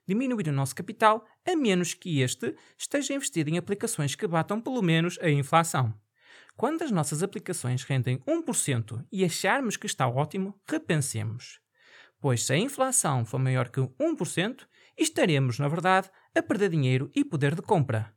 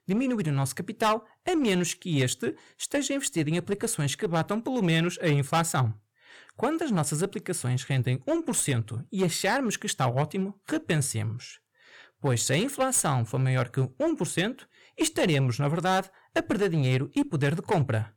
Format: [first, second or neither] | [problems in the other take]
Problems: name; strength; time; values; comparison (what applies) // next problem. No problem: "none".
first | distortion; slight; 8% of the sound clipped